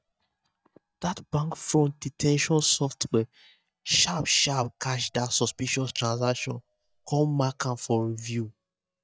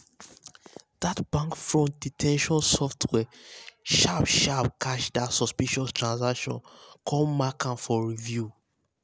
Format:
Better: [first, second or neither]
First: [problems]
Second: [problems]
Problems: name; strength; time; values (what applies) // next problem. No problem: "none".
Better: second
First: noise reduction (neural mask model DeepFilterNet 3)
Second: none